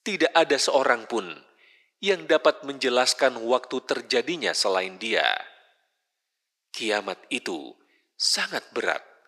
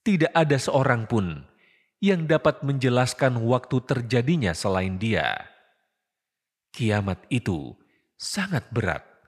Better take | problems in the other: second | thin; very; fading below 300 Hz

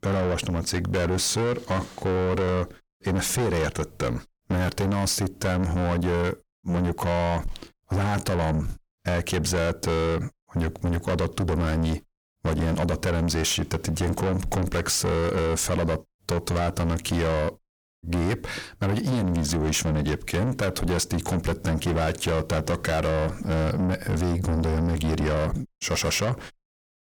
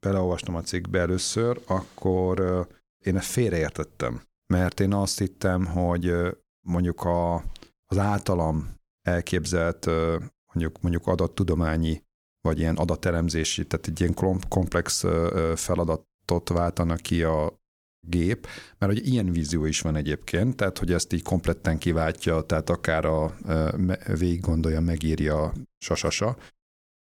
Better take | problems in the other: second | distortion; heavy; 6 dB below the speech

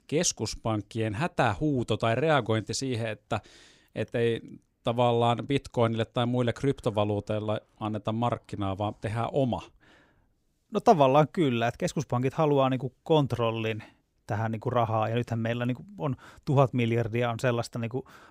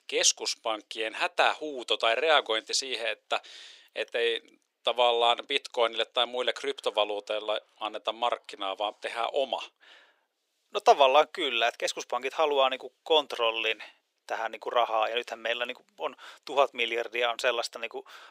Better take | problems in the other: first | thin; very; fading below 450 Hz

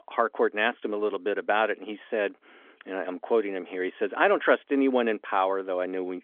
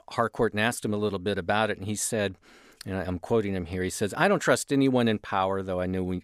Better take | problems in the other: second | phone-call audio; nothing above 3.5 kHz

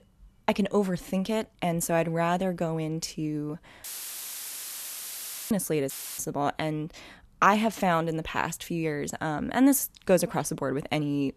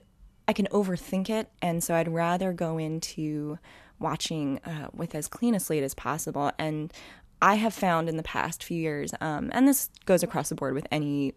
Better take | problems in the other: second | audio cutting out; filled with static; at 4 s for 1.5 s and at 6 s

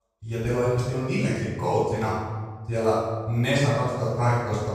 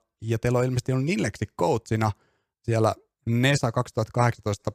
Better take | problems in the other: second | off-mic speech; far // room echo; strong; dies away in 1.2 s

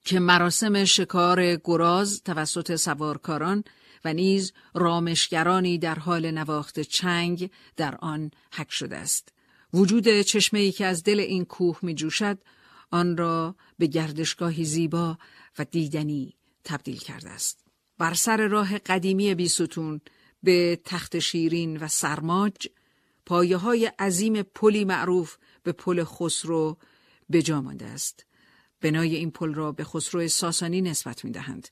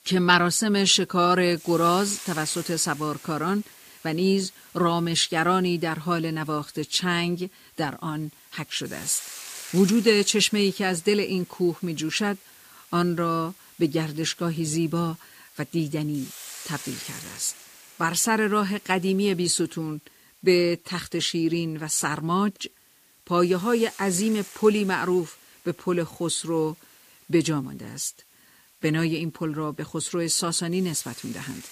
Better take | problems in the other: first | hiss; noticeable; throughout; 20 dB below the speech

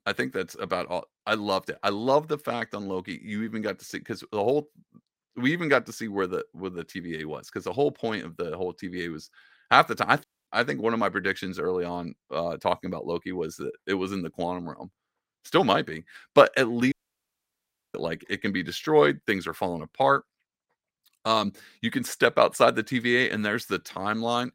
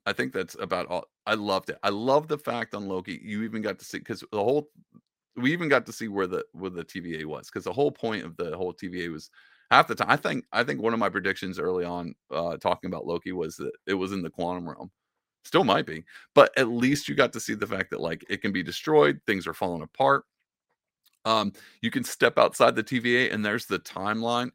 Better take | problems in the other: second | audio cutting out; at 10 s and at 17 s for 1 s

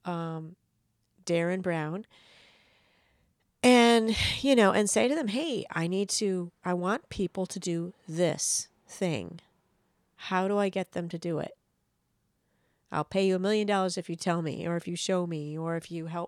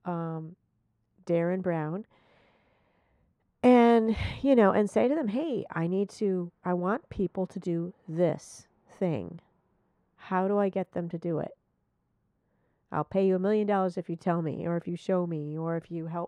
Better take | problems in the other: first | muffled; very; fading above 2.5 kHz

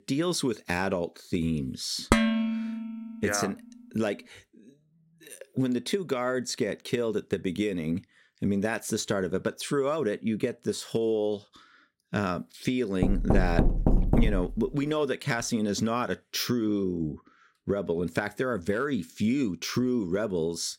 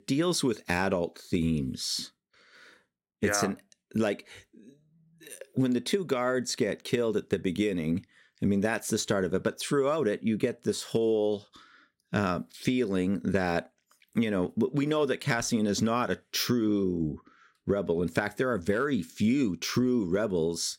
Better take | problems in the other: second | clattering dishes; loud; at 2 s; peak 6 dB above the speech // door banging; loud; from 13 to 15 s; peak 4 dB above the speech

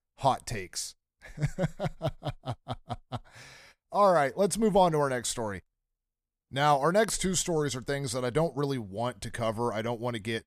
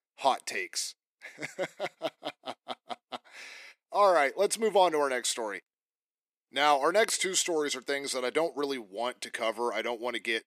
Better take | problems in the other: first | thin; somewhat; fading below 300 Hz

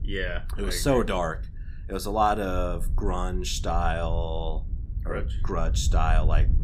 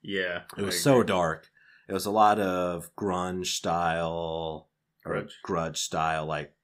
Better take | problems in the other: second | wind noise on the microphone; occasional gusts; 20 dB below the speech

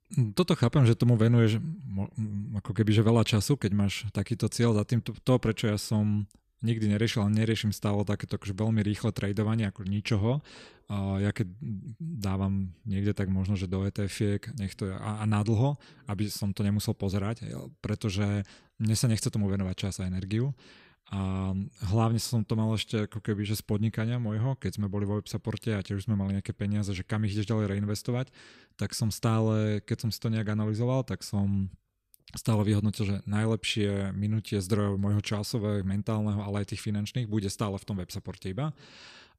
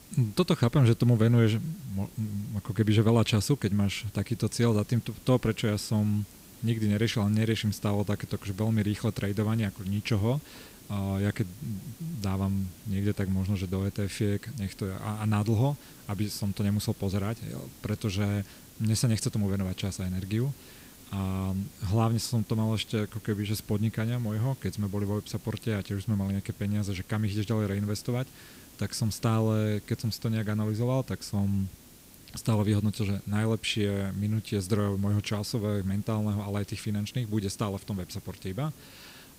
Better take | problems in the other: first | hiss; faint; throughout; 20 dB below the speech

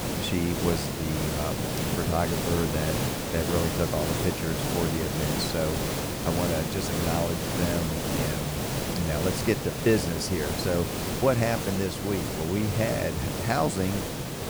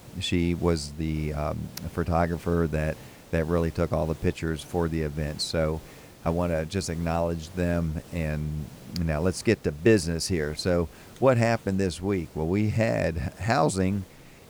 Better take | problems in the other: second | hiss; loud; throughout; as loud as the speech; faint in the second

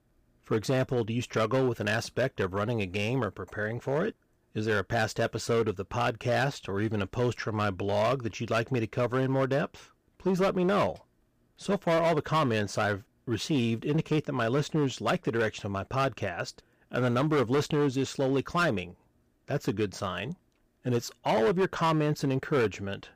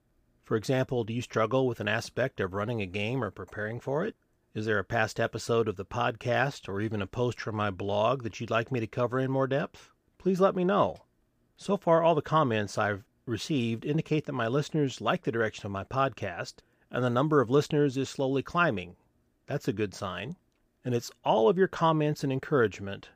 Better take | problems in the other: second | distortion; slight; 8% of the sound clipped

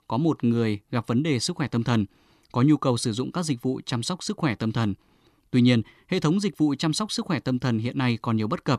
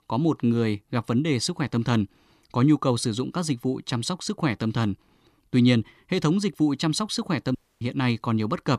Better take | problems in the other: first | audio cutting out; at 7.5 s

